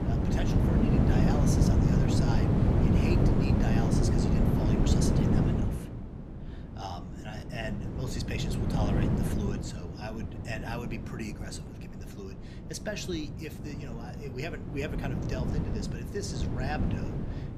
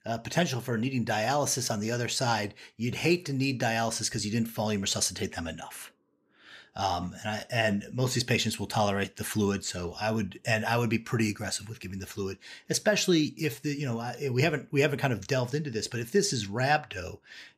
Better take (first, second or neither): second